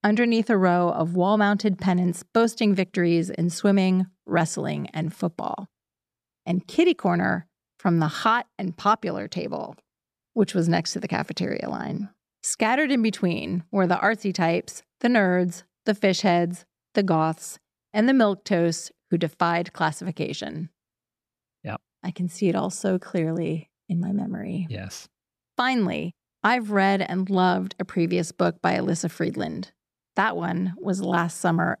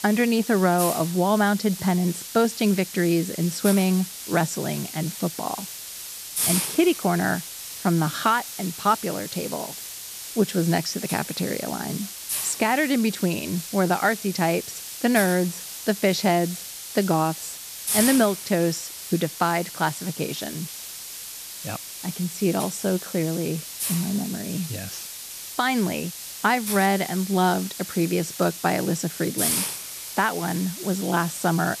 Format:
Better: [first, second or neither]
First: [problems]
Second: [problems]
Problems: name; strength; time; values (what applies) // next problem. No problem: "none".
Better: first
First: none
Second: hiss; loud; throughout; 7 dB below the speech